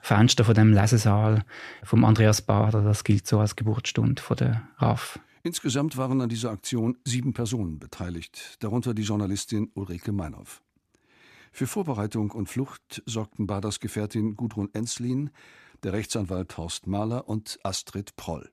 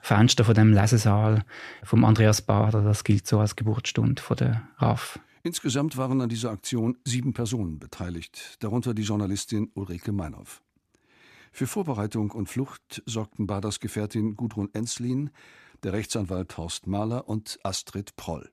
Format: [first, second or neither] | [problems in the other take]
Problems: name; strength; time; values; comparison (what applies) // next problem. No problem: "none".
neither | none